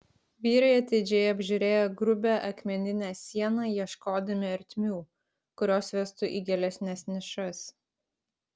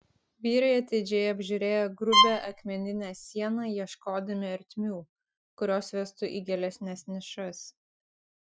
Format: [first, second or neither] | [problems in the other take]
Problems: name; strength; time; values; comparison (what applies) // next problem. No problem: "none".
first | noise reduction (classical method Wiener filter)